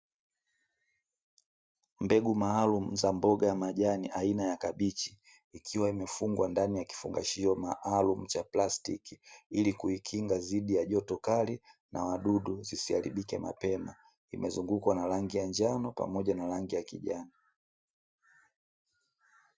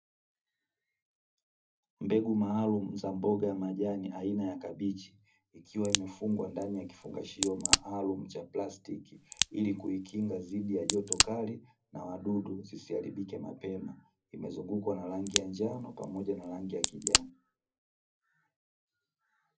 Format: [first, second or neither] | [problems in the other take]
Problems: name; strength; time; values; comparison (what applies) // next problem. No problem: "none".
first | background sound (Crack); 2 dB above the speech // room echo; dies away in 0.4 s